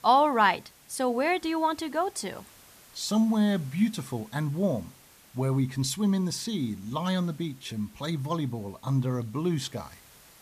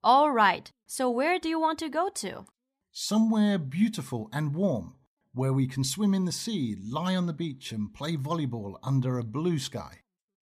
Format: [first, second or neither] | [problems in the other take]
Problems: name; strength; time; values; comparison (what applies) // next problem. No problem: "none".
second | hiss; faint; throughout; 25 dB below the speech